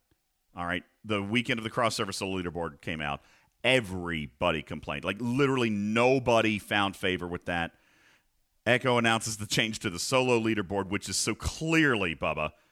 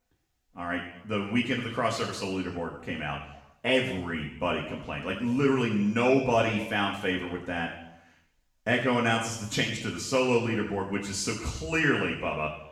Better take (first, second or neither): first